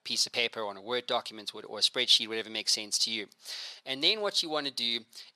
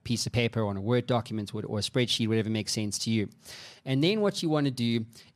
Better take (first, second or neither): second